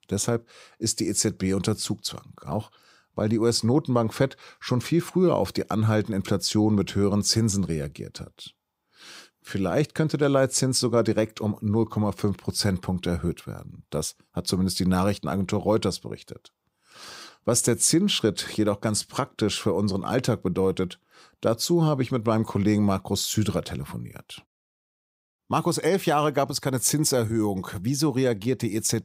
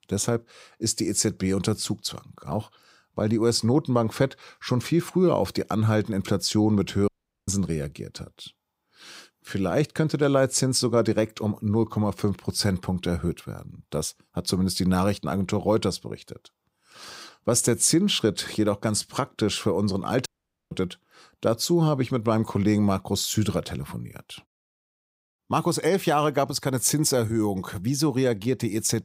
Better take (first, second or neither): first